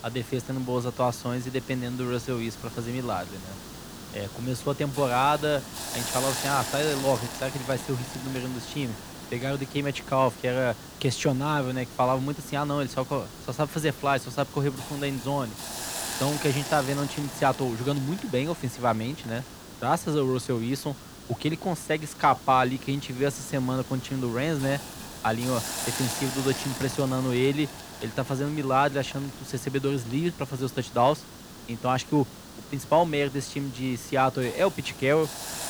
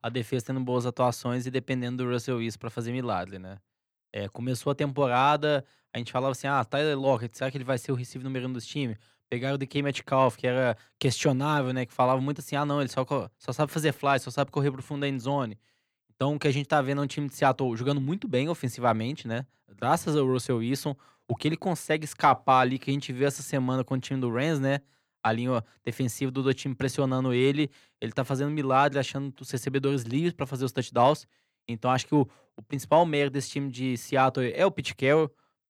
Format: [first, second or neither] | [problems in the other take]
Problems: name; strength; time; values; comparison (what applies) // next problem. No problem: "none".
second | hiss; loud; throughout; 10 dB below the speech